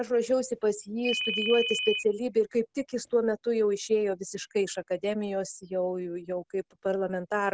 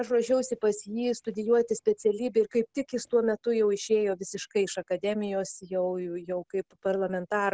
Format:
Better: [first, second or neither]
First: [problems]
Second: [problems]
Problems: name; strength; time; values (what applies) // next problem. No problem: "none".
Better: second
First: background sound (Ringtone); 2 dB below the speech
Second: none